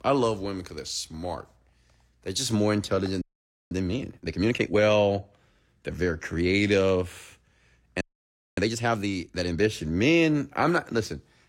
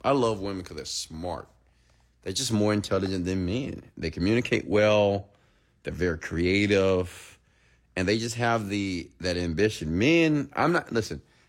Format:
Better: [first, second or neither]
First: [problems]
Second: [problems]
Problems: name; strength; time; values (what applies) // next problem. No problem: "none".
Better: second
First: audio freezing; at 3 s and at 8 s for 0.5 s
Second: none